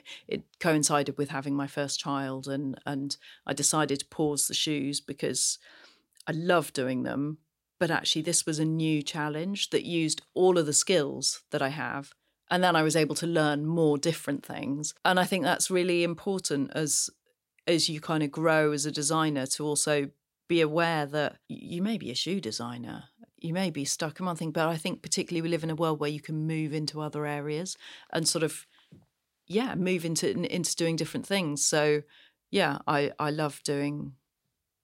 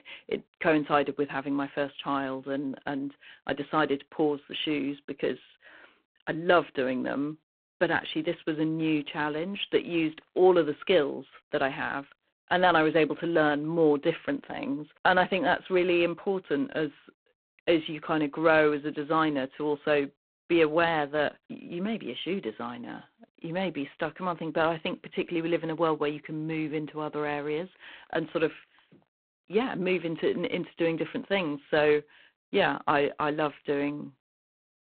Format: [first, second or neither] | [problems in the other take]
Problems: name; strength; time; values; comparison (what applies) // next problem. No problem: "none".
first | phone-call audio; poor line